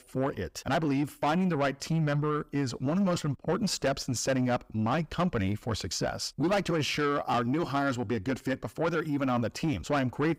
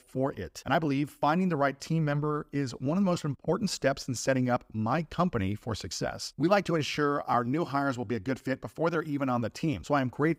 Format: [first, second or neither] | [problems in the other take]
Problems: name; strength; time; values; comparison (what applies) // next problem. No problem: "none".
second | distortion; slight; 10 dB below the speech